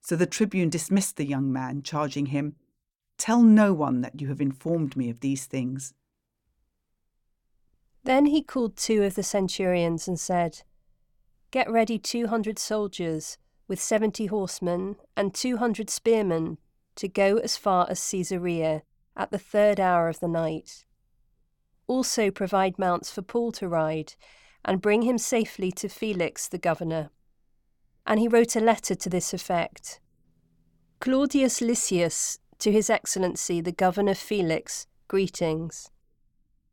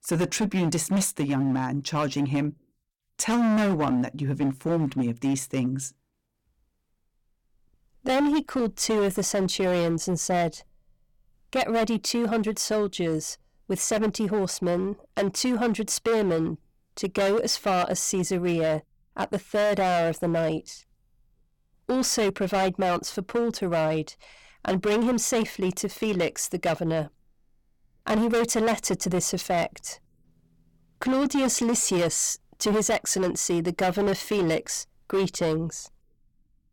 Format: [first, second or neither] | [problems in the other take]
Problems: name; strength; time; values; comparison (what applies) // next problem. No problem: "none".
first | distortion; heavy; 13% of the sound clipped